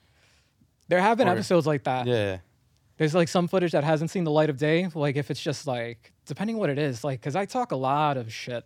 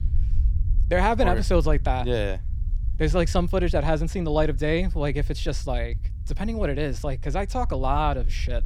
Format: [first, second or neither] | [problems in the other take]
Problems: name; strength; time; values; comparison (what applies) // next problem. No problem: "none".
first | low rumble; faint; throughout; 25 dB below the speech